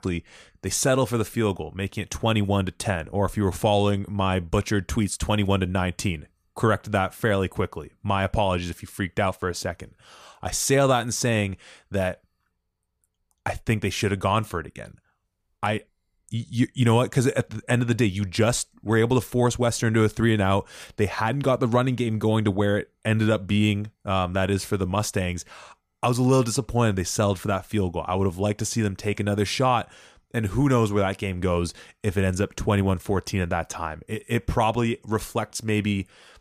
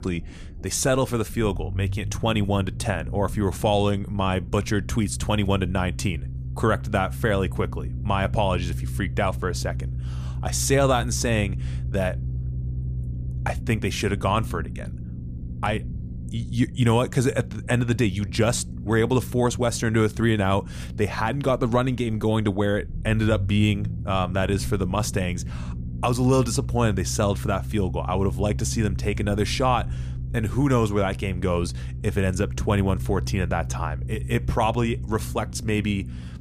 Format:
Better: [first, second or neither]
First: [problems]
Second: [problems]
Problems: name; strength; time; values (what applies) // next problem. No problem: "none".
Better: first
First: none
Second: low rumble; noticeable; throughout; 20 dB below the speech